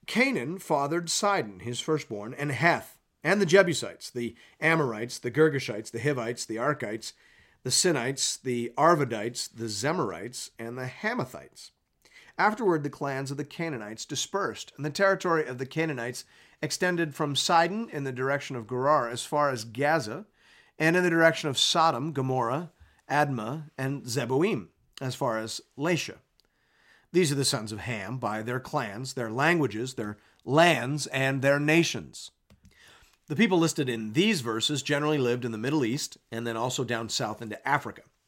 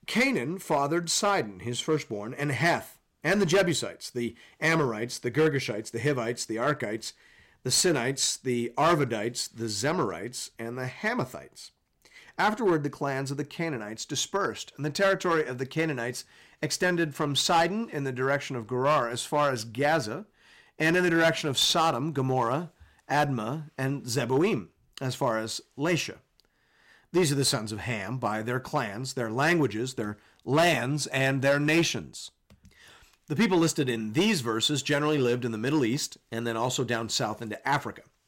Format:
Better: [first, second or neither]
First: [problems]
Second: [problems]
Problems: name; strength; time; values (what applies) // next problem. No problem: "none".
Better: first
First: none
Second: distortion; slight; 3% of the sound clipped